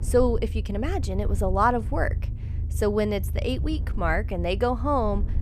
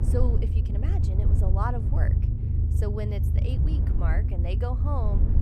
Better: first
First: low rumble; faint; throughout; 20 dB below the speech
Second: low rumble; loud; throughout; 4 dB below the speech

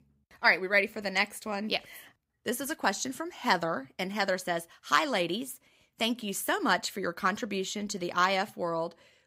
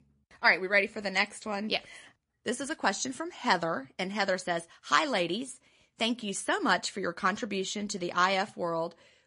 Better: first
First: none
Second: garbled, watery; slightly; nothing above 10.5 kHz

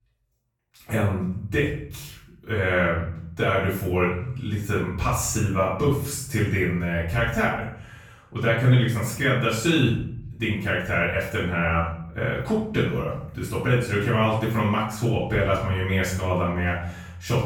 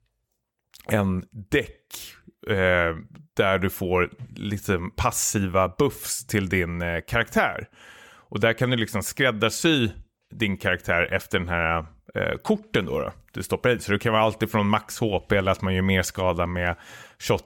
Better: second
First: off-mic speech; far // room echo; noticeable; dies away in 0.8 s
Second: none

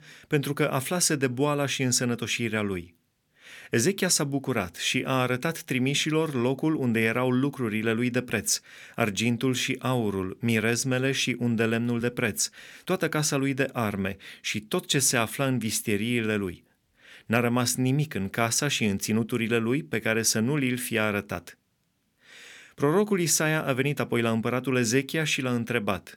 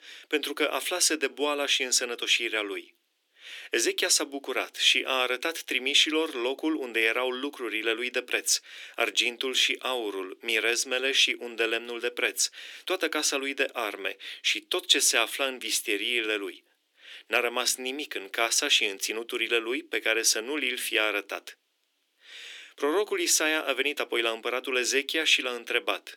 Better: first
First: none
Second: thin; very; fading below 300 Hz

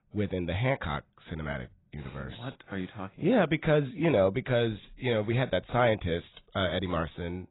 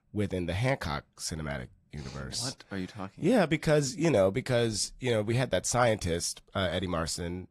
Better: second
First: garbled, watery; badly; nothing above 4 kHz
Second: garbled, watery; slightly

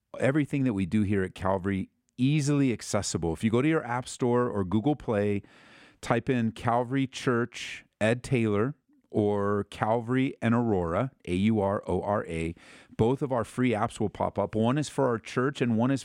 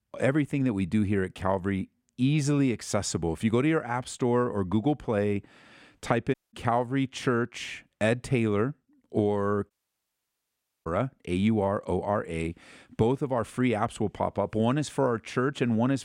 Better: first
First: none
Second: audio cutting out; at 6.5 s and at 9.5 s for 1 s

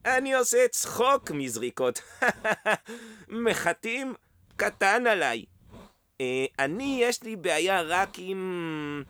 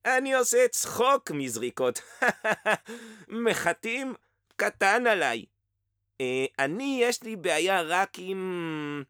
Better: second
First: hiss; faint; throughout; 30 dB below the speech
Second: none

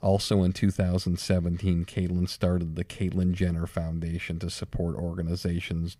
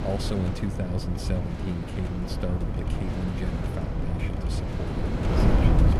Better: first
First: none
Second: wind noise on the microphone; heavy; 3 dB above the speech

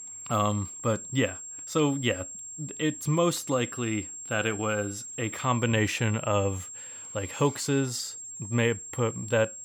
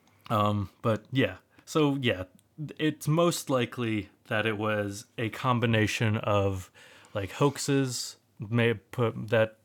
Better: second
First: high-pitched whine; loud; throughout; 7.5 kHz, 9 dB below the speech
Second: none

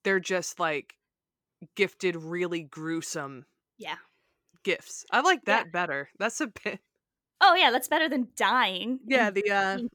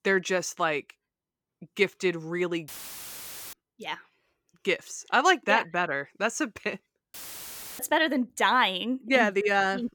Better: first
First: none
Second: audio cutting out; filled with static; at 2.5 s for 1 s and at 7 s for 0.5 s

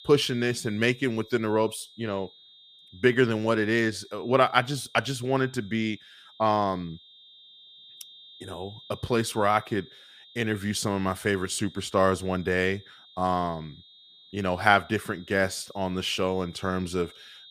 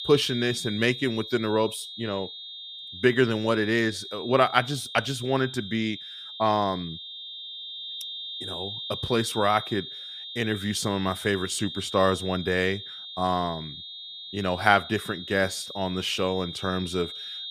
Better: first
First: high-pitched whine; faint; throughout; 3.5 kHz, 25 dB below the speech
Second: high-pitched whine; loud; throughout; 3.5 kHz, 10 dB below the speech

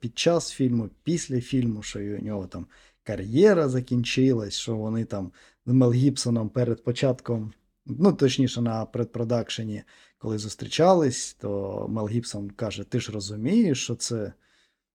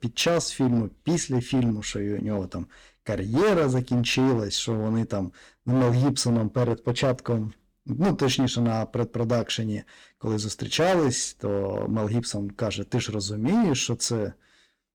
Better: first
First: none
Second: distortion; heavy; 10% of the sound clipped

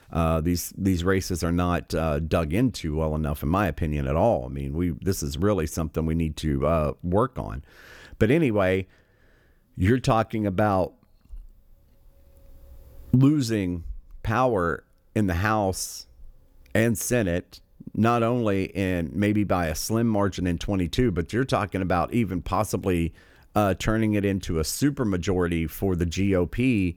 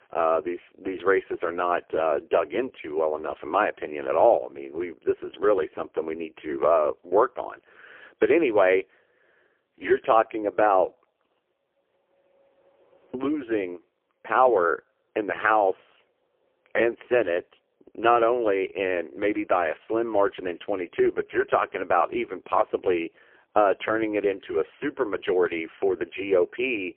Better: first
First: none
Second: phone-call audio; poor line

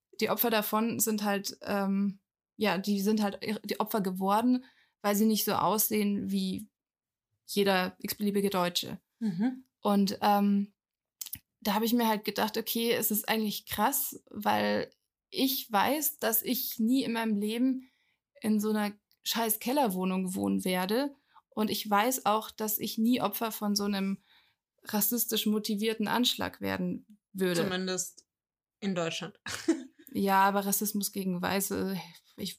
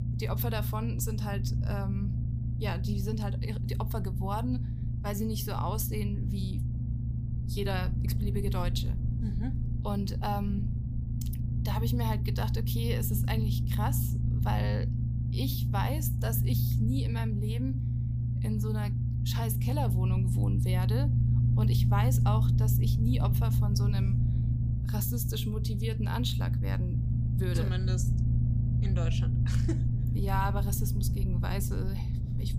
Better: first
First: none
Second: low rumble; loud; throughout; 4 dB below the speech

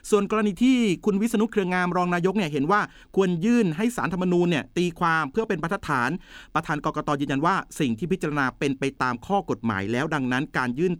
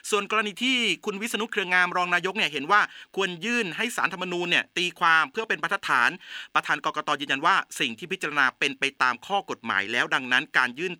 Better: first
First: none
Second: thin; somewhat; fading below 950 Hz

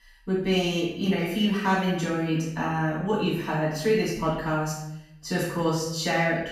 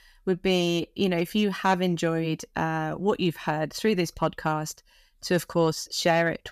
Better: second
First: off-mic speech; far // room echo; noticeable; dies away in 0.7 s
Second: none

